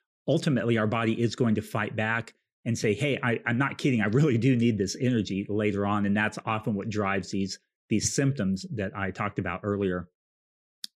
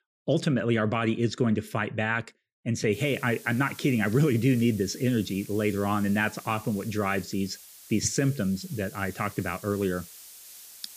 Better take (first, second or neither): first